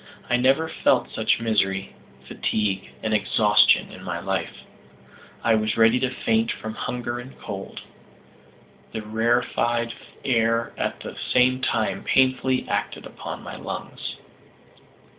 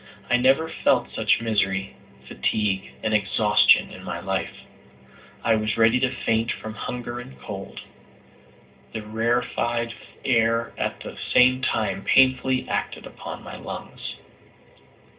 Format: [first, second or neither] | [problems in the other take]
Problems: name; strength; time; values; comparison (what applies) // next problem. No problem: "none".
first | room echo; dies away in 0.2 s